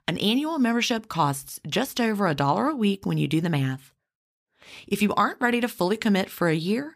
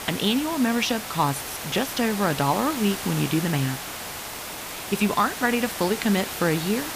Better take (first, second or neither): first